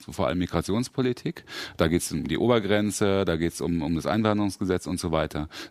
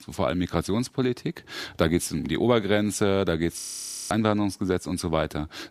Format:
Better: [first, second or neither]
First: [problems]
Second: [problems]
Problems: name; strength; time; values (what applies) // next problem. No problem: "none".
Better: first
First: none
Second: audio freezing; at 3.5 s for 0.5 s